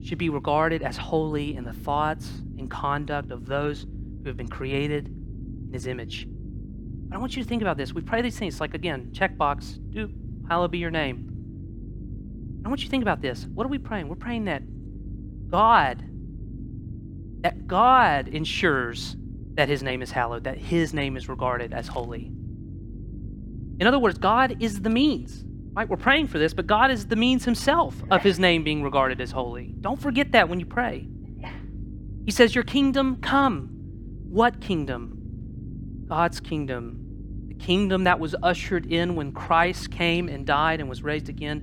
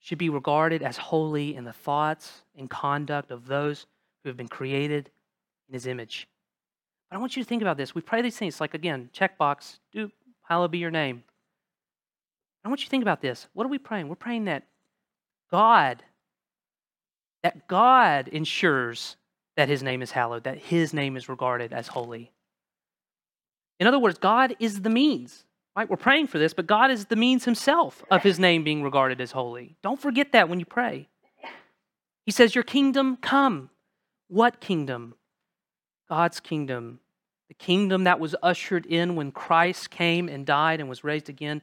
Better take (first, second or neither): second